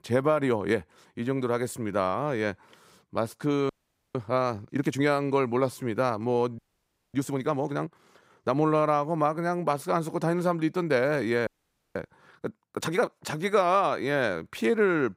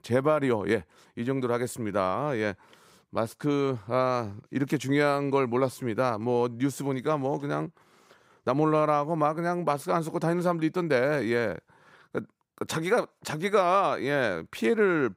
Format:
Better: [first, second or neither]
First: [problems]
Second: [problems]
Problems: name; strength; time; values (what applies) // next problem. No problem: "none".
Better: second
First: audio freezing; at 3.5 s, at 6.5 s for 0.5 s and at 11 s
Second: none